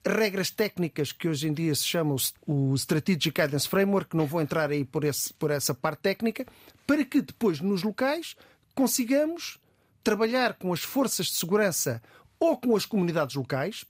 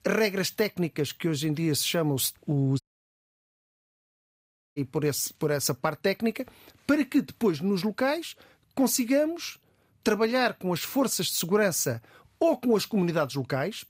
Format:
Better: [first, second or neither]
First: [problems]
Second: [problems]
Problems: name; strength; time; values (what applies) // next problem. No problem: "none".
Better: first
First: none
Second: audio cutting out; at 3 s for 2 s